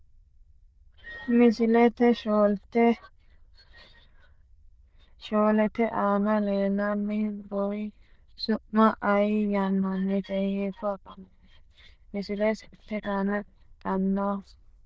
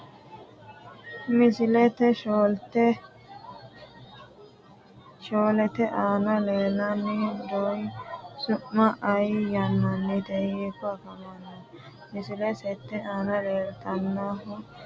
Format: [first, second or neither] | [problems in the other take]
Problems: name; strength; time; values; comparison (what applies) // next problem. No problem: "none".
second | noise reduction (neural diffusion model UNIVERSE++)